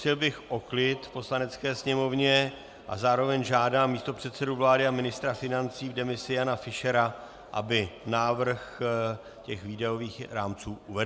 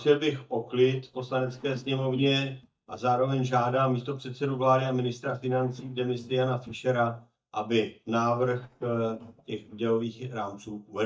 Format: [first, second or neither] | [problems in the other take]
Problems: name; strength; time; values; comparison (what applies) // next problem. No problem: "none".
first | noise reduction (neural mask model DeepFilterNet 3)